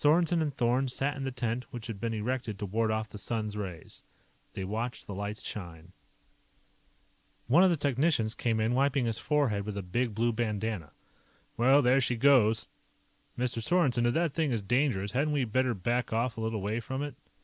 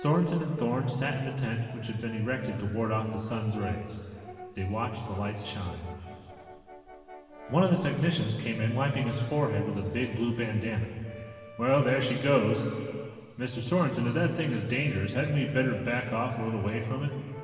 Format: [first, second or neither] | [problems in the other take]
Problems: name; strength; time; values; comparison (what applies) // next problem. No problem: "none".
first | background sound (Brass instrument); 18 dB below the speech // room echo; dies away in 2.4 s